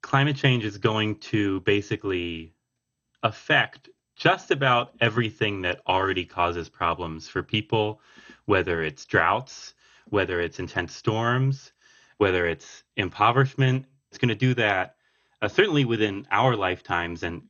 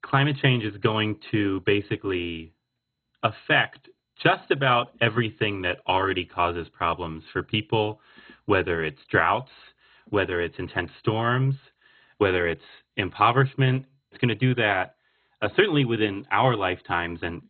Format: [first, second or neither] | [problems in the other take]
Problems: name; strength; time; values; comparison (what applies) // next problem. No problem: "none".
first | garbled, watery; badly; slightly in the first